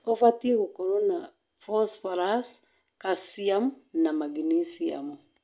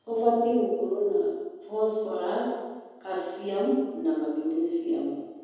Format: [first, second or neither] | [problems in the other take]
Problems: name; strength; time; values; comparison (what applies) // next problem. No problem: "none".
first | room echo; dies away in 1.2 s